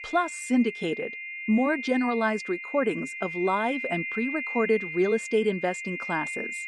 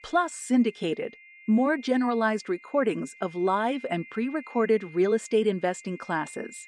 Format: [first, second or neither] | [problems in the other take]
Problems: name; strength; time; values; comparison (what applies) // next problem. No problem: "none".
second | high-pitched whine; loud; throughout; 2 kHz, 6 dB below the speech; faint in the second